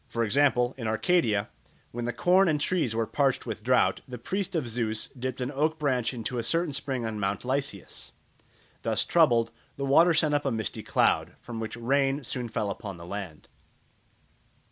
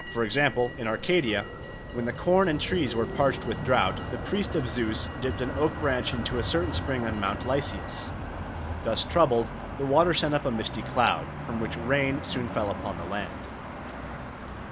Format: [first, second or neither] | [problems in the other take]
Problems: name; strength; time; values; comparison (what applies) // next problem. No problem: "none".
first | background sound (Motor vehicle (road)); 7 dB below the speech